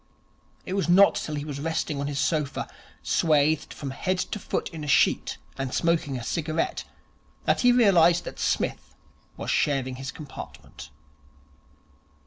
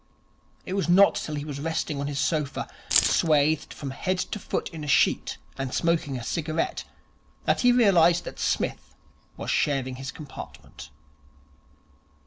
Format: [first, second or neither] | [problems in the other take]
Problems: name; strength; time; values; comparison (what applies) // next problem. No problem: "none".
first | background sound (Keys jangling); 1 dB above the speech